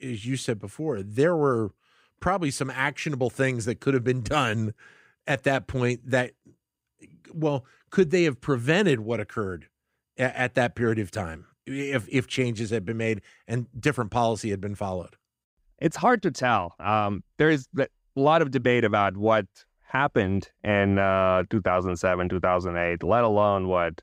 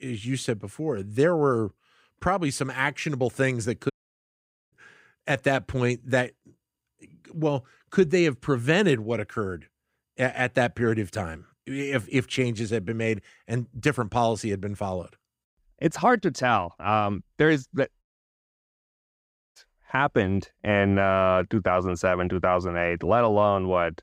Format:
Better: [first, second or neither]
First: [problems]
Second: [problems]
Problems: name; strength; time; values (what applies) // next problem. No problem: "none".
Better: first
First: none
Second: audio cutting out; at 4 s for 1 s and at 18 s for 1.5 s